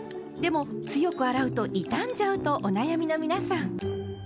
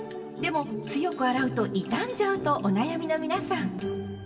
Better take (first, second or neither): first